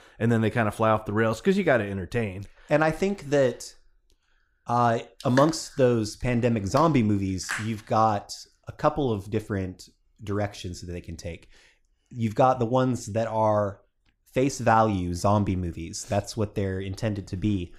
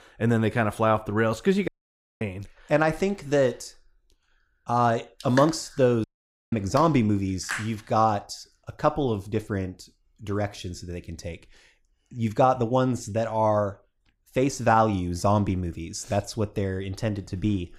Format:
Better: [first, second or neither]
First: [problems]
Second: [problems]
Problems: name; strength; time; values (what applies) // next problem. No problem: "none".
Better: first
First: none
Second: audio cutting out; at 1.5 s for 0.5 s and at 6 s